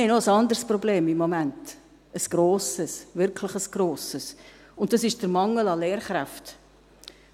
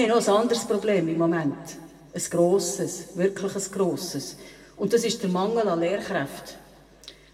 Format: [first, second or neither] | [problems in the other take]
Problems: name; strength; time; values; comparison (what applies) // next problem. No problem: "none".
first | room echo; dies away in 1.4 s